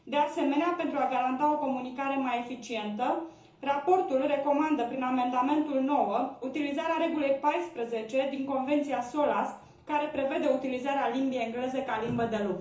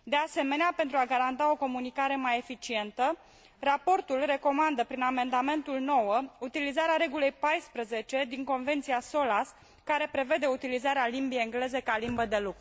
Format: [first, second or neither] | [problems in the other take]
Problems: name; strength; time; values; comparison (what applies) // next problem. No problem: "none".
second | room echo; dies away in 0.7 s